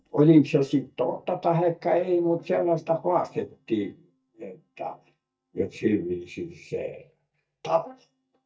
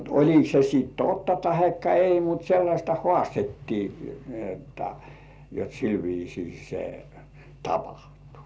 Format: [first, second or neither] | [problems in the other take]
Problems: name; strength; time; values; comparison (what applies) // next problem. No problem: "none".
second | noise reduction (neural mask model DeepFilterNet 3)